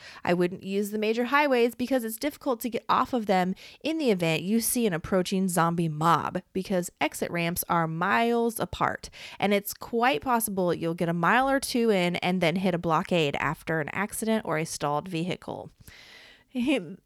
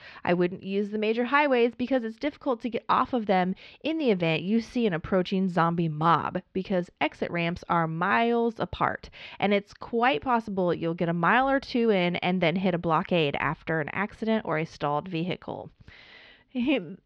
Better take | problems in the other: first | muffled; slightly; fading above 4 kHz

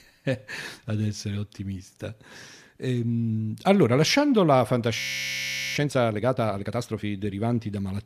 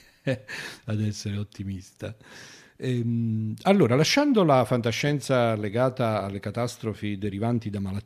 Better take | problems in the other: second | audio freezing; at 5 s for 1 s

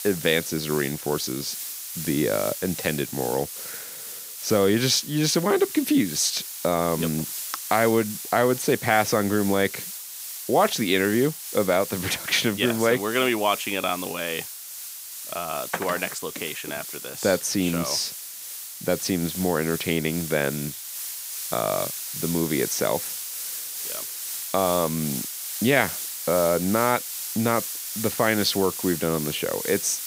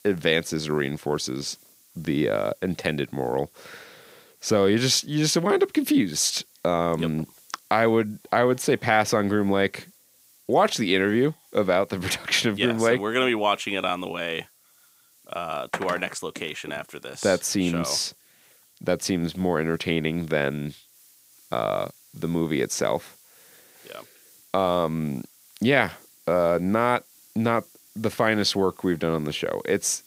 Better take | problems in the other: second | hiss; loud; throughout; 7 dB below the speech; faint in the second

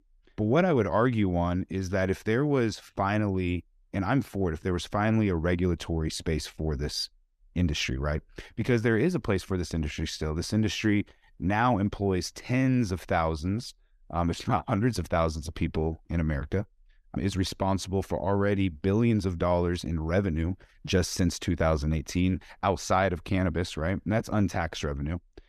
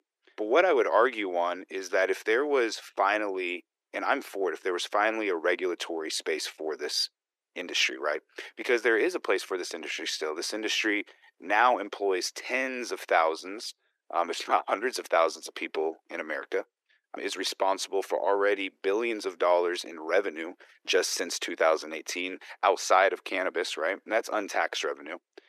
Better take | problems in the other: first | thin; very; fading below 350 Hz

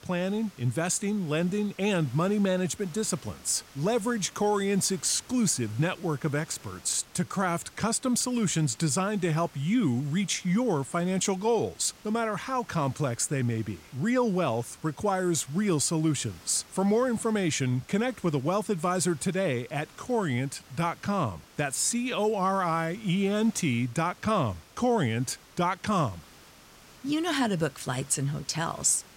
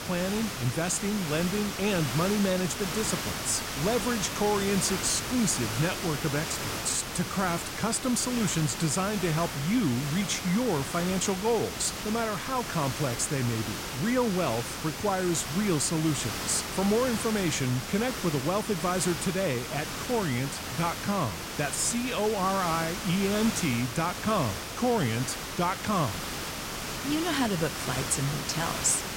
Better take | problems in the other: first | hiss; loud; throughout; 5 dB below the speech; faint in the first

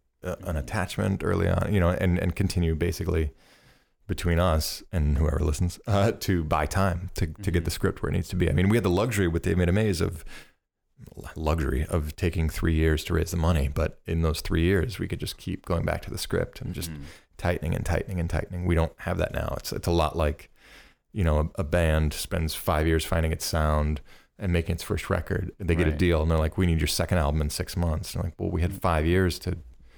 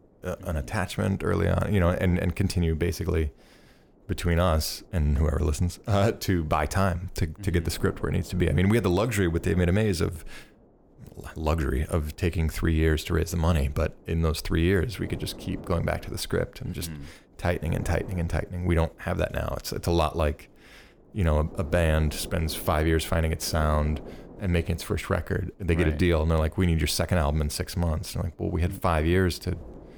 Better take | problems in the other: first | wind noise on the microphone; occasional gusts; 20 dB below the speech

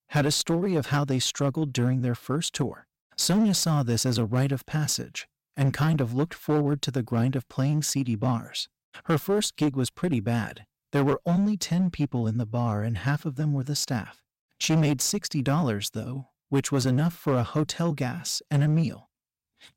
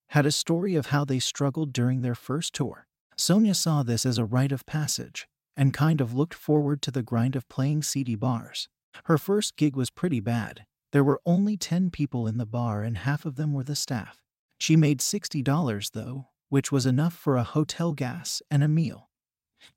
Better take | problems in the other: second | distortion; slight; 8% of the sound clipped

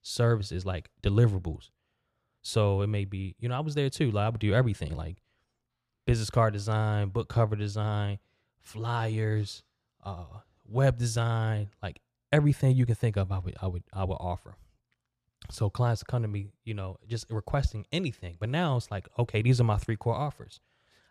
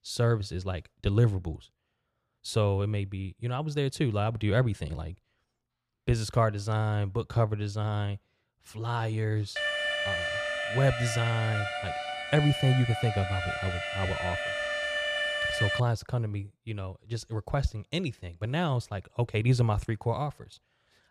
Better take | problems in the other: first | alarm; loud; from 9.5 to 16 s; peak 2 dB above the speech

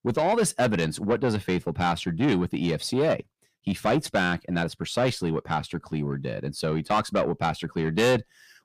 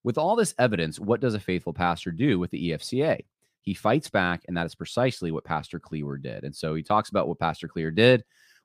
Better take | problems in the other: second | distortion; heavy; 8 dB below the speech

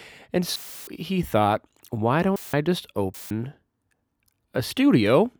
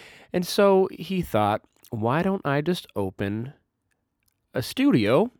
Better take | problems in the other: second | audio cutting out; filled with static; at 0.5 s, at 2.5 s and at 3 s

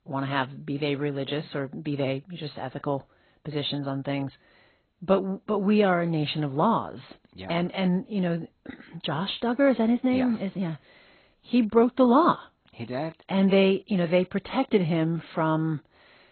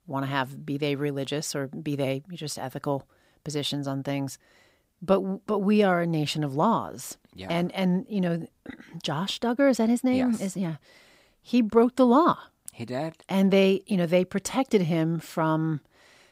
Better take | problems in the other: second | garbled, watery; badly; nothing above 4 kHz

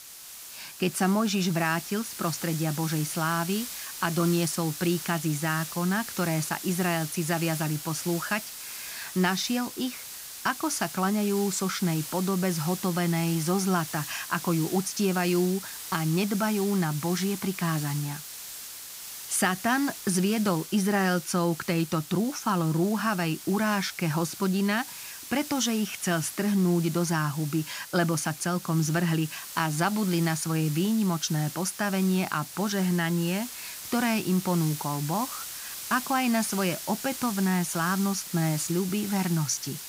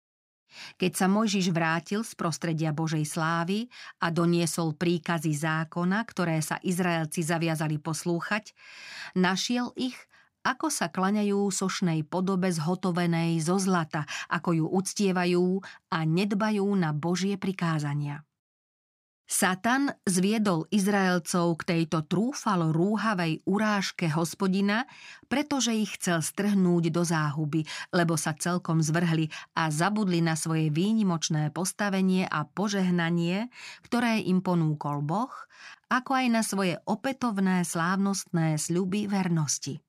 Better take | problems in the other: second | hiss; loud; throughout; 9 dB below the speech

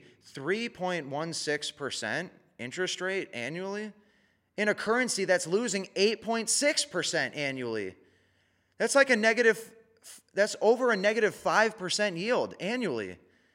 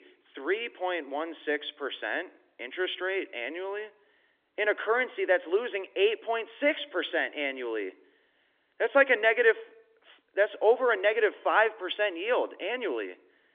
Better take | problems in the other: first | phone-call audio; nothing above 3.5 kHz

